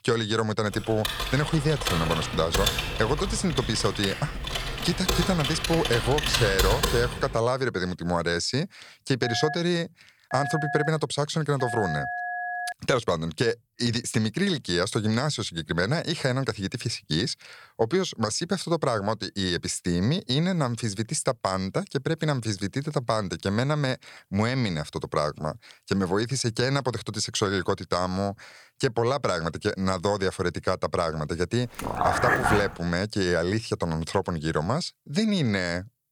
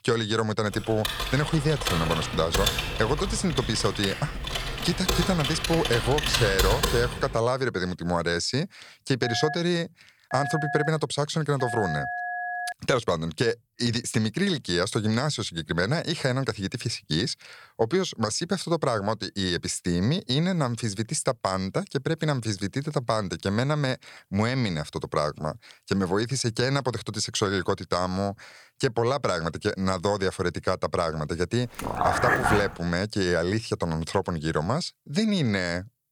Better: neither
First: keyboard typing; loud; from 0.5 to 7.5 s; peak 3 dB above the speech // phone ringing; noticeable; from 9 to 13 s; peak 4 dB below the speech // dog barking; loud; at 32 s; peak 4 dB above the speech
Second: keyboard typing; loud; from 0.5 to 7.5 s; peak 3 dB above the speech // phone ringing; noticeable; from 9 to 13 s; peak 4 dB below the speech // dog barking; loud; at 32 s; peak 4 dB above the speech

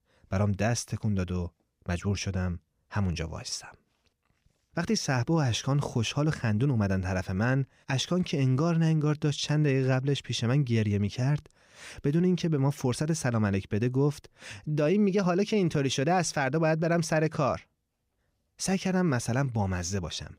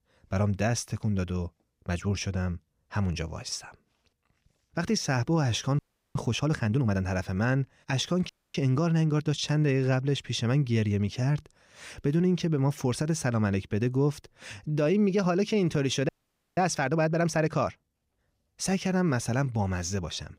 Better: first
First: none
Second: audio freezing; at 6 s, at 8.5 s and at 16 s

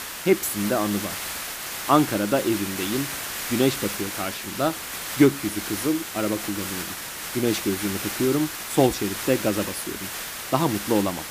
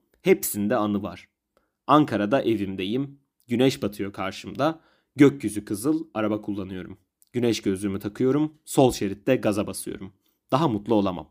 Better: second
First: hiss; loud; throughout; 5 dB below the speech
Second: none

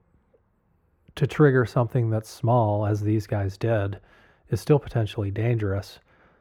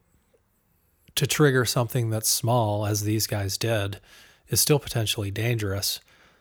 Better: second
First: muffled; very; fading above 3 kHz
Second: none

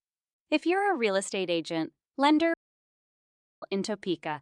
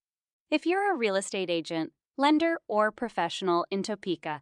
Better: second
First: audio cutting out; at 2.5 s for 1 s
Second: none

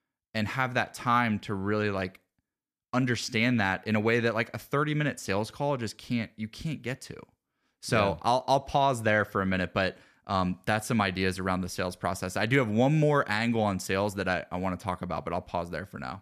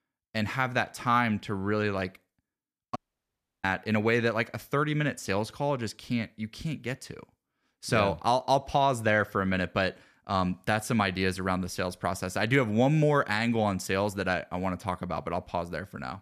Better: first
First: none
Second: audio cutting out; at 3 s for 0.5 s

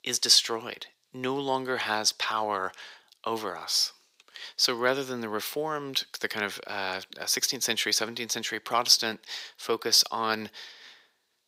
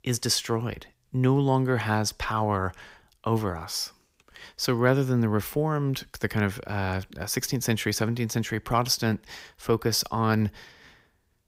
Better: second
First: thin; somewhat; fading below 400 Hz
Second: none

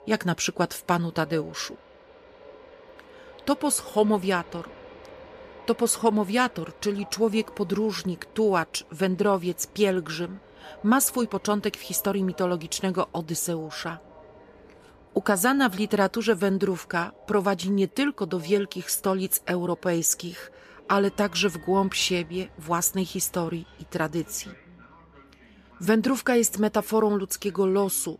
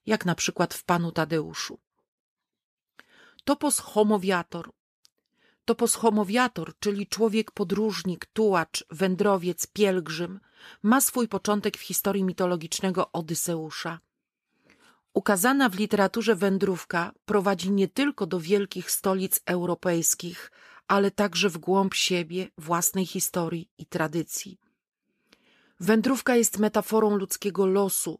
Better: second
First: train or aircraft noise; faint; throughout; 25 dB below the speech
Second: none

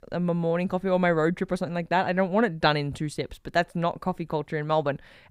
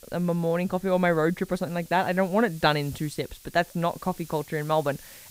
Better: first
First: none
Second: hiss; faint; throughout; 20 dB below the speech

